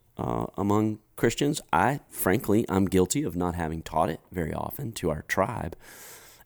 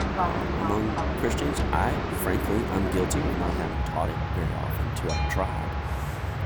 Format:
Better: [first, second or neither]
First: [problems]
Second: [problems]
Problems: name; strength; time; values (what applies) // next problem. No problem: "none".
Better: first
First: none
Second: train or aircraft noise; very loud; throughout; 2 dB above the speech